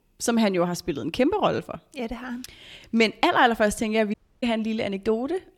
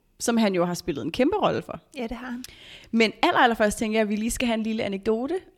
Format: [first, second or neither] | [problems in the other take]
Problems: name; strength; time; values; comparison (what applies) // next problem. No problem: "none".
second | audio cutting out; at 4 s